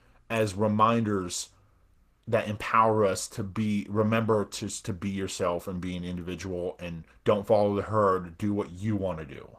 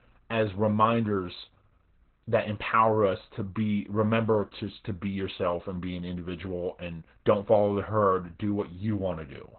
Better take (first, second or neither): first